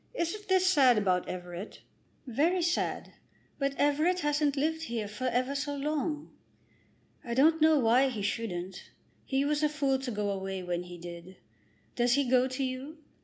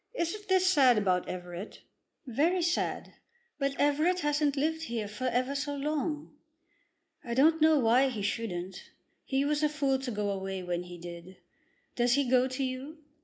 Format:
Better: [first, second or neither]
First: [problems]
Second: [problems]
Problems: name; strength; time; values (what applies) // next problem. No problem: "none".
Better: first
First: none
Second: noise reduction (neural mask model Resemble Enhance denoiser)